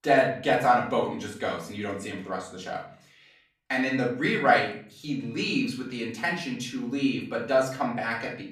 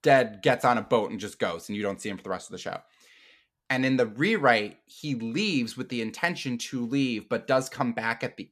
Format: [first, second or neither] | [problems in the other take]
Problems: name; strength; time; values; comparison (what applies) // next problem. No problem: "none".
second | off-mic speech; far // room echo; slight; dies away in 0.4 s